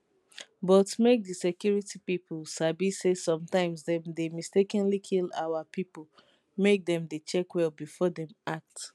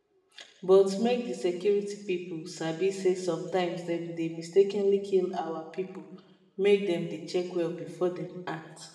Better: first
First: none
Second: room echo; dies away in 1.1 s

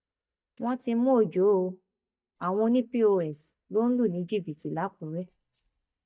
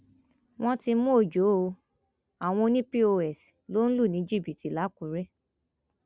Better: second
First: noise reduction (neural mask model DeepFilterNet 3)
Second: none

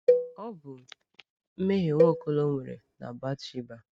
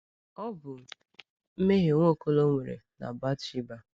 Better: second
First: noise reduction (neural mask model RNNoise)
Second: none

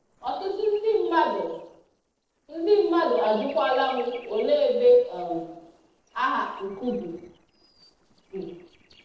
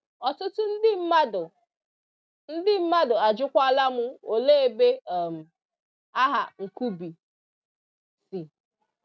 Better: second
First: noise reduction (neural separator model SepFormer DNS4)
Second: none

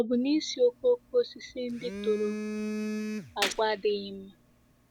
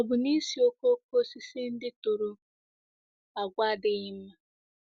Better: second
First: background sound (Telephone + Gunshot, gunfire); 7 dB below the speech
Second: none

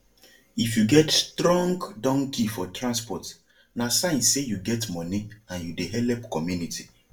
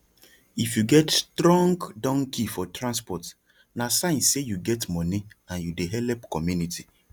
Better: second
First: room echo; dies away in 0.3 s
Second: none

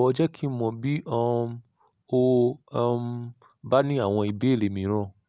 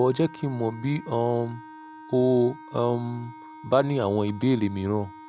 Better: first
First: none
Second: background sound (Wind instrument, woodwind instrument); 18 dB below the speech

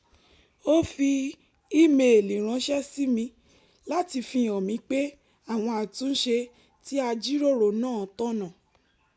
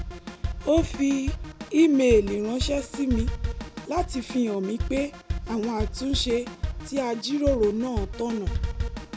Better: first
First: none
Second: background sound (Drum kit); 6 dB below the speech

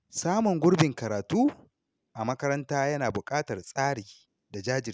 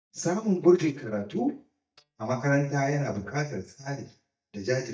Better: first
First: none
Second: noise reduction (neural mask model DeepFilterNet 3)

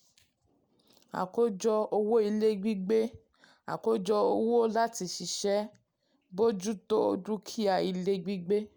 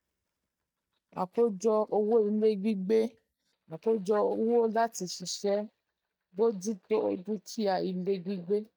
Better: first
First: none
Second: noise reduction (neural mask model DeepFilterNet 3)

